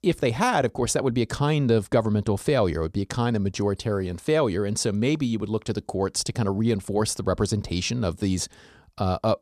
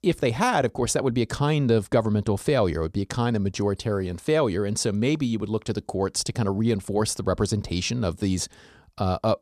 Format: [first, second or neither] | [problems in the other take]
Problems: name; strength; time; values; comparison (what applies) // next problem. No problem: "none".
neither | none